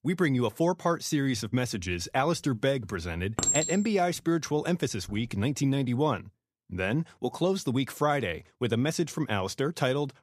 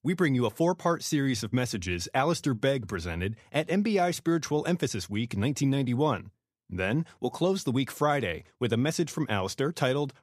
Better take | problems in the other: second | clattering dishes; loud; from 3.5 to 5 s; peak 3 dB above the speech

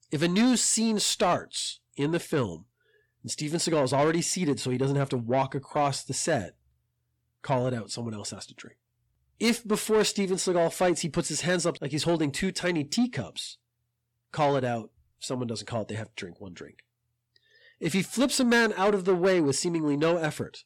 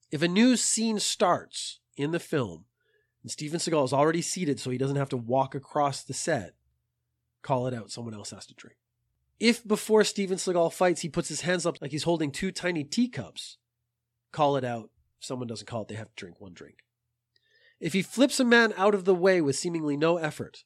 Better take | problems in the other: second | distortion; slight; 10 dB below the speech

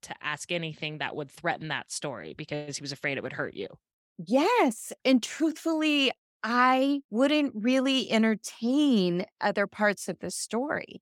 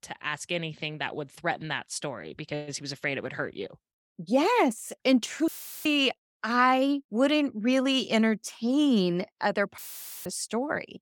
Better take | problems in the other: first | audio cutting out; filled with static; at 5.5 s and at 10 s

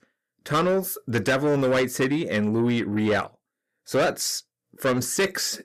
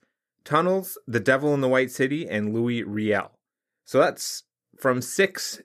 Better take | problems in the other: second | distortion; heavy; 8 dB below the speech

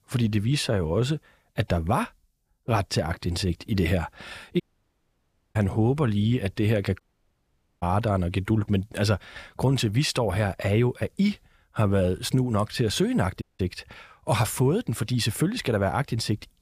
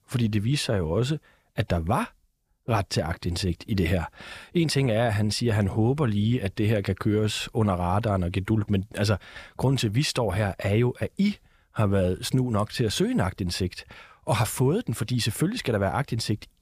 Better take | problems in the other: second | audio cutting out; at 4.5 s for 1 s, at 7 s for 1 s and at 13 s

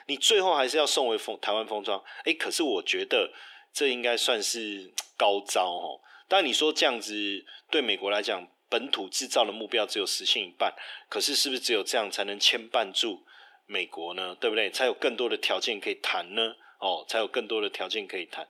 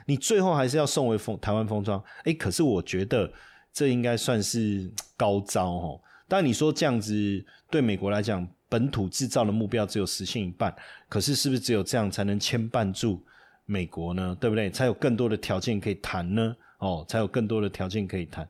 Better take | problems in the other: second | thin; very; fading below 350 Hz

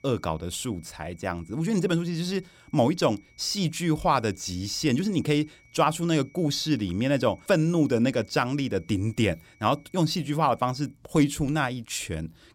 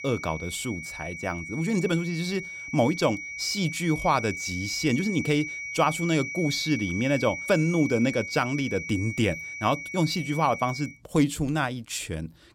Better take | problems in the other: first | high-pitched whine; loud; until 11 s; 2.5 kHz, 7 dB below the speech; faint in the first

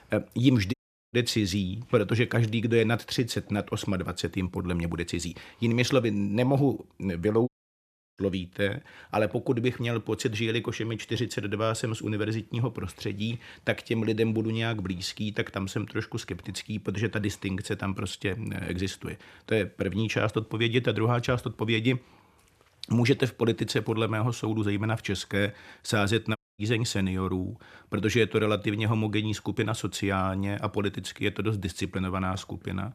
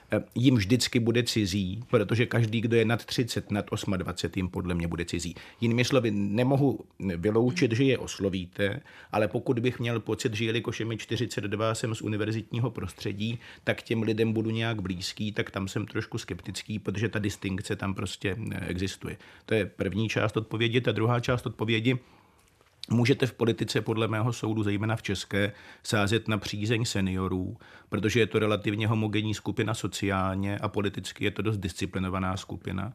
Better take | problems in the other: second | audio cutting out; at 0.5 s, at 7.5 s for 0.5 s and at 26 s

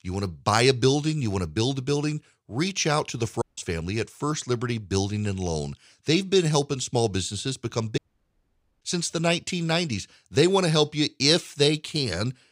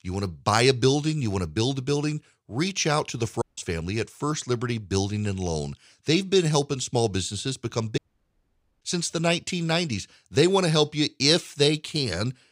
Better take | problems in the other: neither | audio cutting out; at 3.5 s and at 8 s for 1 s; the same in both

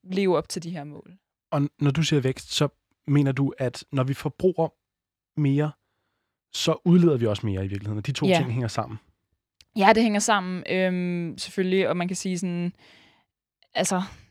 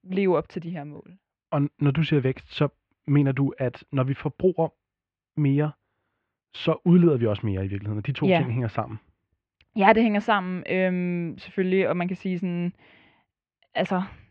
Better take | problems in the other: first | muffled; very; fading above 2.5 kHz

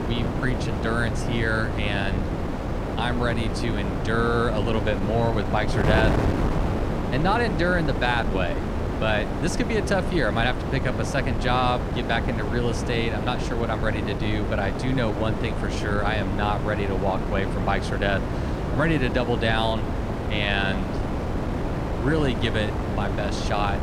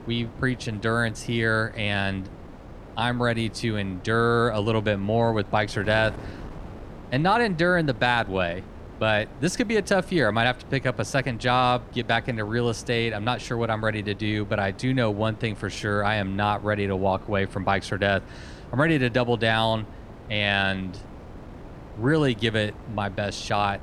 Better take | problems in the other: second | wind noise on the microphone; heavy; 5 dB below the speech; occasional gusts in the second

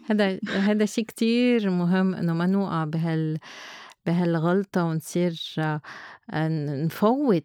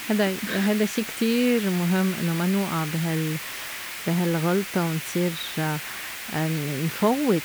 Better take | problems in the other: first | hiss; loud; throughout; 7 dB below the speech

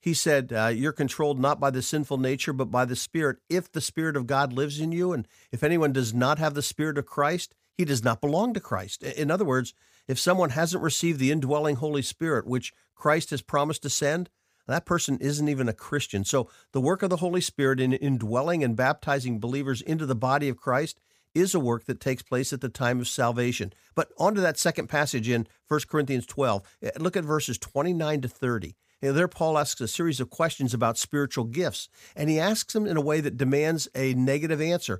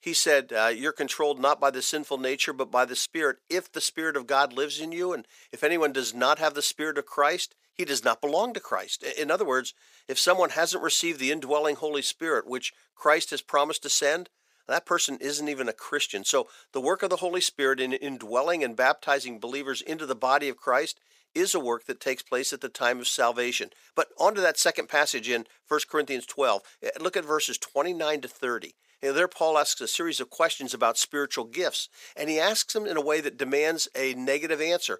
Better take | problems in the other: first | thin; somewhat; fading below 400 Hz

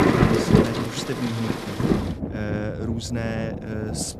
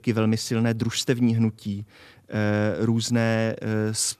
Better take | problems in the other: second | rain or running water; very loud; throughout; 5 dB above the speech

